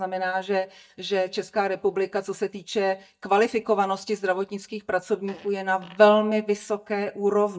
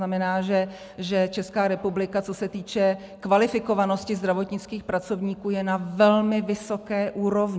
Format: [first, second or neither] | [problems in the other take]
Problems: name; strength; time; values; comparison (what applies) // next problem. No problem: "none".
second | noise reduction (neural mask model DeepFilterNet 3)